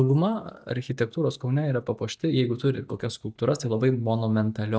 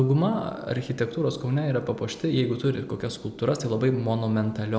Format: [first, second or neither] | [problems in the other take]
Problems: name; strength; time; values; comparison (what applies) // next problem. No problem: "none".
second | noise reduction (neural mask model DeepFilterNet 3)